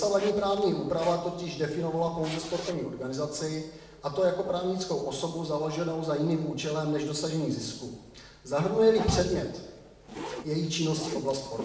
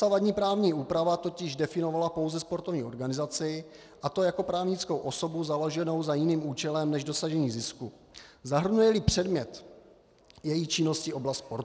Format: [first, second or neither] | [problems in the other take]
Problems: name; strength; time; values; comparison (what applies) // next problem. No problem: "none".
second | background sound (Zipper (clothing)); 15 dB below the speech // room echo; dies away in 0.9 s